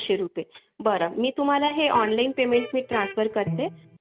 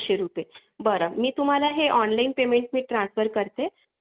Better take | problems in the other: second | background sound (Electric guitar); 11 dB below the speech

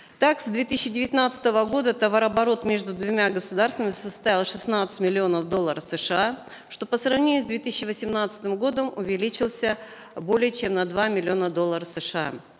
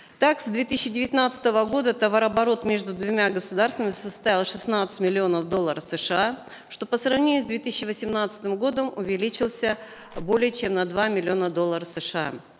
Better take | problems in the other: first | background sound (Crushing); 17 dB below the speech

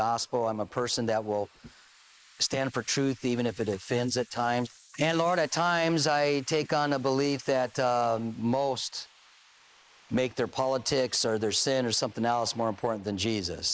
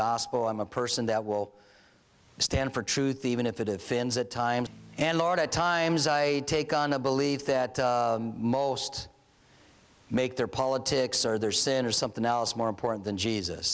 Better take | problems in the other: second | noise reduction (neural mask model Resemble Enhance denoiser)

